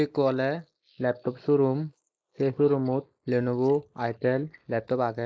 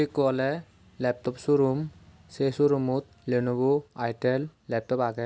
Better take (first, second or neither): second